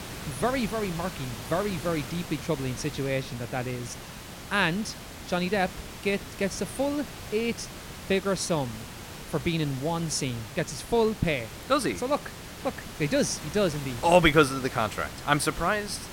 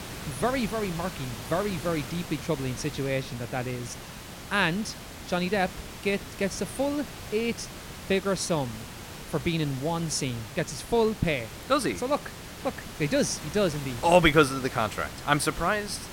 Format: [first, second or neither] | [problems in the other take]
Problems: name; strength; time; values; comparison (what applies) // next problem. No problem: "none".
neither | hiss; noticeable; throughout; 10 dB below the speech; the same in both